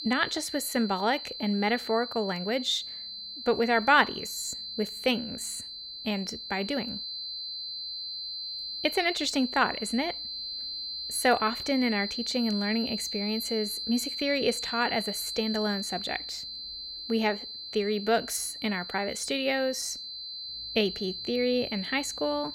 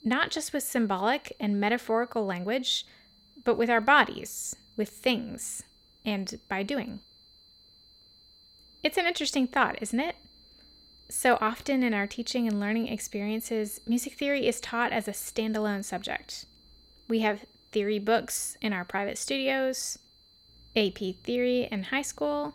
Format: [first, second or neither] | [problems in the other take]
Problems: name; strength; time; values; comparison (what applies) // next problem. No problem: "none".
second | high-pitched whine; loud; throughout; 4 kHz, 6 dB below the speech; faint in the second